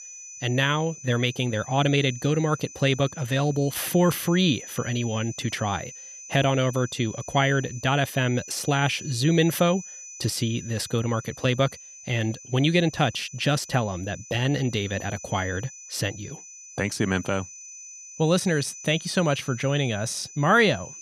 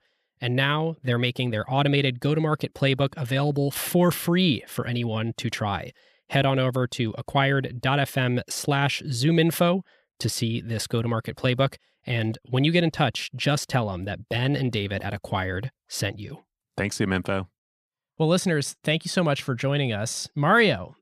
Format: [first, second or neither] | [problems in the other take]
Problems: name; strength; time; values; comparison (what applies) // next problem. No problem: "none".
second | high-pitched whine; noticeable; throughout; 6 kHz, 15 dB below the speech